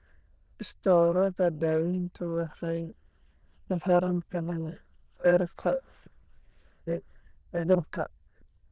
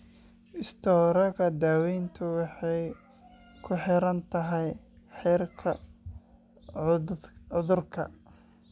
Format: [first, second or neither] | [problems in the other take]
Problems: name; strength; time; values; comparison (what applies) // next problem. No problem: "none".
second | noise reduction (neural diffusion model UNIVERSE++)